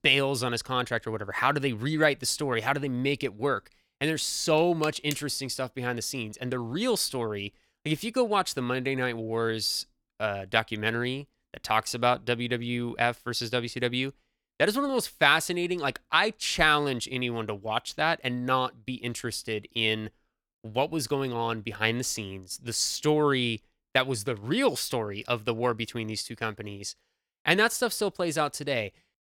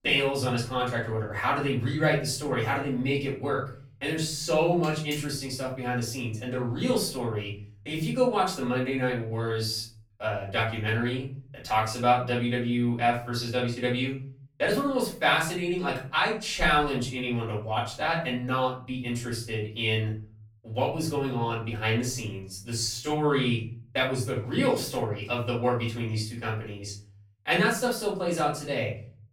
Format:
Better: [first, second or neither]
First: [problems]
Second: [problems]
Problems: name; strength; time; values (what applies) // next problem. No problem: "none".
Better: first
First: none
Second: room echo; noticeable; dies away in 0.6 s // off-mic speech; far